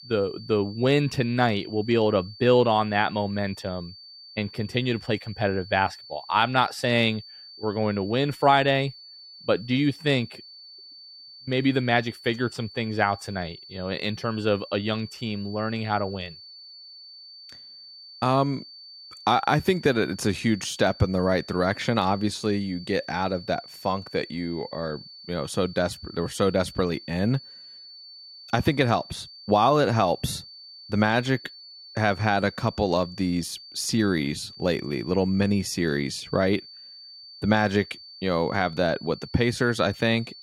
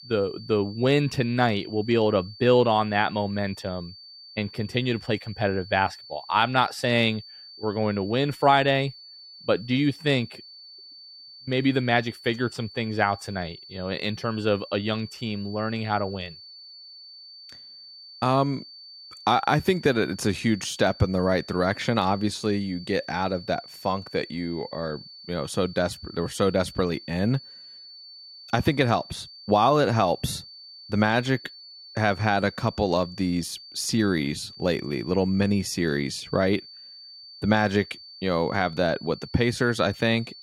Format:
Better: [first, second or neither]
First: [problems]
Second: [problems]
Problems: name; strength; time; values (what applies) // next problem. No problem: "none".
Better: neither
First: high-pitched whine; noticeable; throughout; 4.5 kHz, 15 dB below the speech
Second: high-pitched whine; noticeable; throughout; 4.5 kHz, 15 dB below the speech